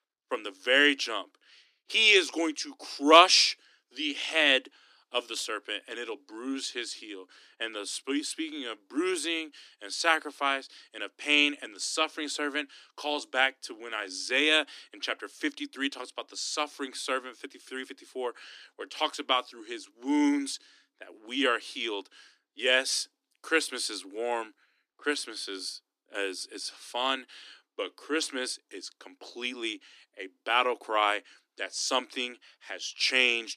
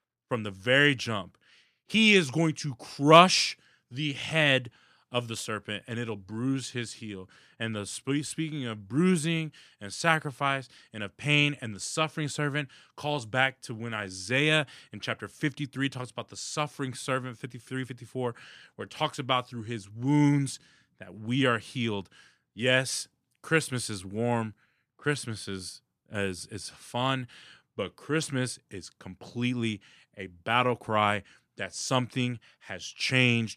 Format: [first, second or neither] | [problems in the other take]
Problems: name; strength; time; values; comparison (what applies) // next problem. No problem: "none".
second | thin; very slightly; fading below 300 Hz